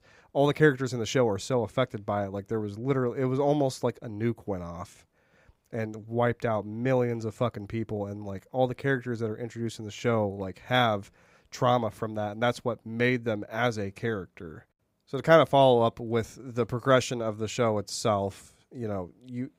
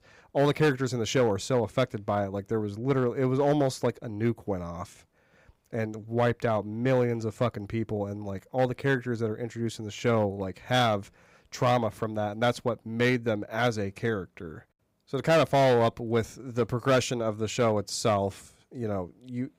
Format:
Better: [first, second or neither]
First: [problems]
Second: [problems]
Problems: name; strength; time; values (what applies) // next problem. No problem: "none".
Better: first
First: none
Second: distortion; slight; 3% of the sound clipped